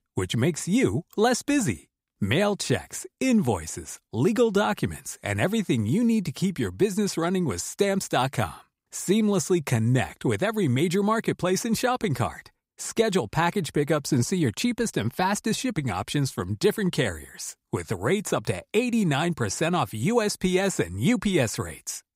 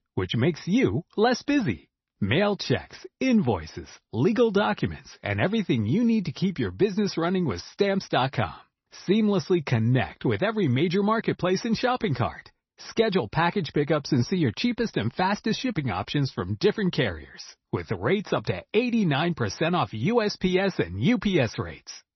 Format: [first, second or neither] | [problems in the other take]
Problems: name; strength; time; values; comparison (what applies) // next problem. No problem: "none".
first | garbled, watery; slightly; nothing above 6 kHz